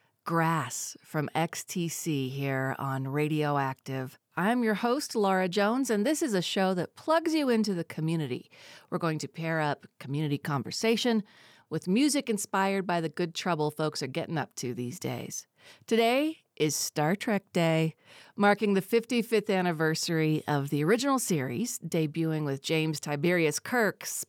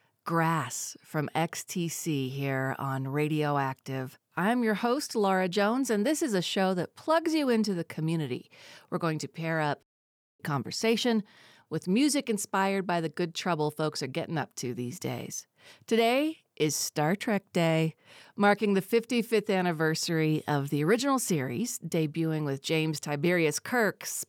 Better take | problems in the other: first | audio cutting out; at 10 s for 0.5 s

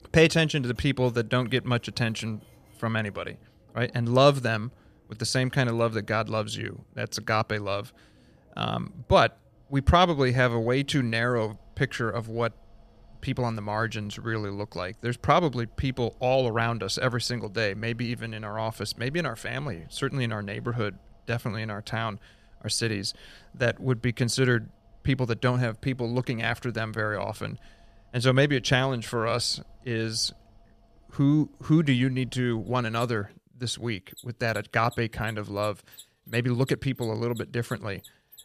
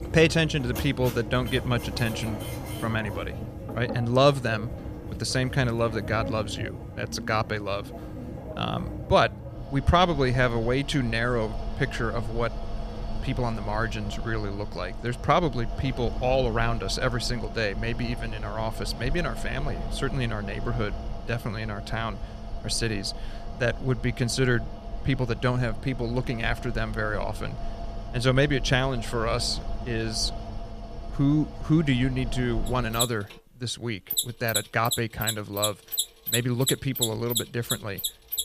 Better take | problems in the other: first | machinery noise; loud; throughout; 7 dB below the speech; faint in the first

